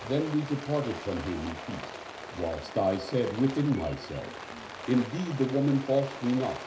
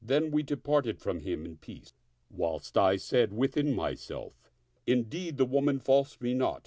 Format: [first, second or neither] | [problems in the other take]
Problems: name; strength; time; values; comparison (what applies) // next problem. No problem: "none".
second | background sound (Rain); 12 dB below the speech // room echo; dies away in 0.5 s